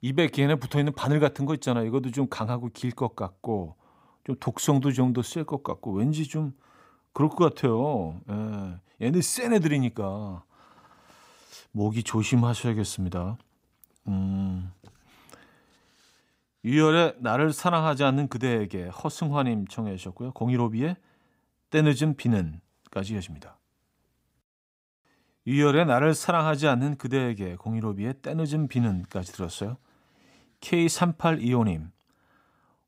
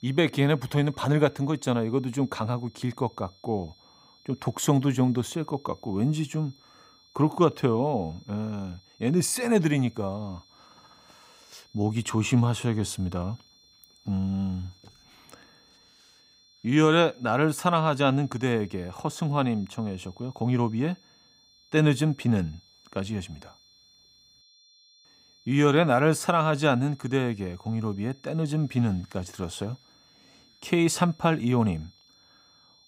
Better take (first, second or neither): first